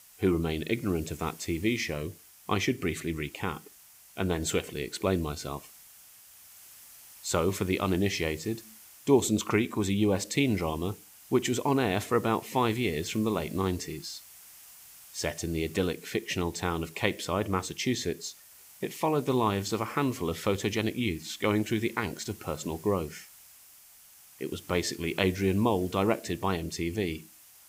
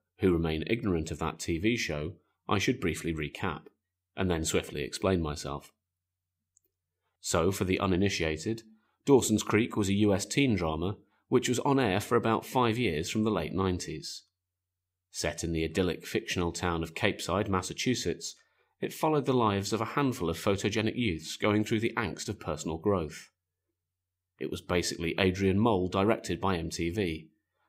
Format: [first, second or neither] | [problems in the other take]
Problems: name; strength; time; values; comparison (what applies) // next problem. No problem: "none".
second | hiss; noticeable; throughout; 20 dB below the speech